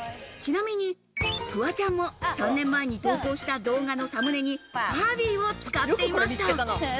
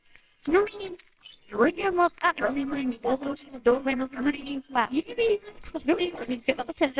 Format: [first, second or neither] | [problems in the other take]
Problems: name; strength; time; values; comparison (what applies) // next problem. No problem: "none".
first | noise reduction (neural separator model SepFormer WHAMR!)